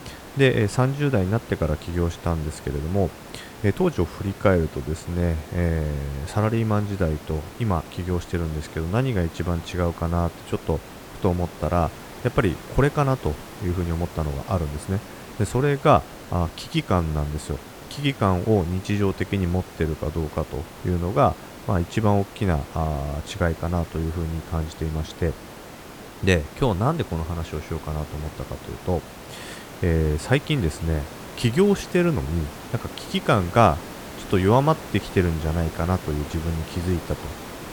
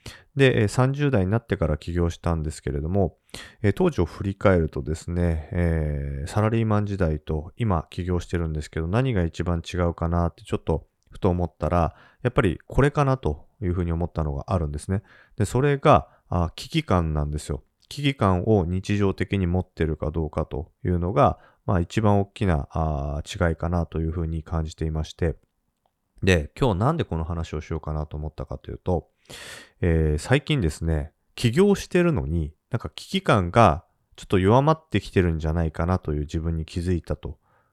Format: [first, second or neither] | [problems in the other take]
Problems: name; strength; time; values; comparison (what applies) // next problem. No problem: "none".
second | hiss; noticeable; throughout; 15 dB below the speech